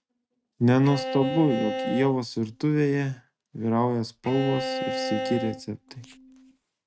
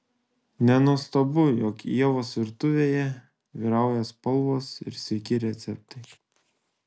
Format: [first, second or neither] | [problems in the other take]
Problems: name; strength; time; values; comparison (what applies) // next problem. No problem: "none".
second | noise reduction (neural mask model RNNoise)